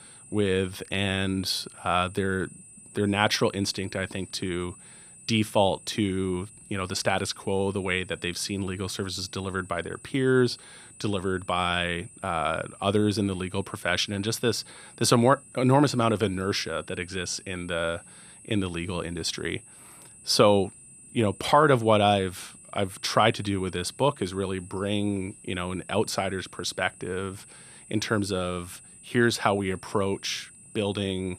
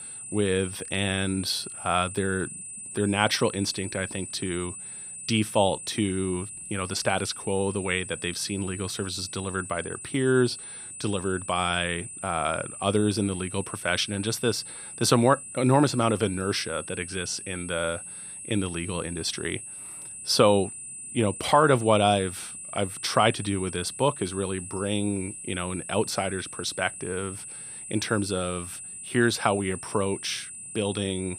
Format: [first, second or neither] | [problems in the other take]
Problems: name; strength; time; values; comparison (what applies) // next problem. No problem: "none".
first | high-pitched whine; loud; throughout; 8 kHz, 10 dB below the speech; faint in the first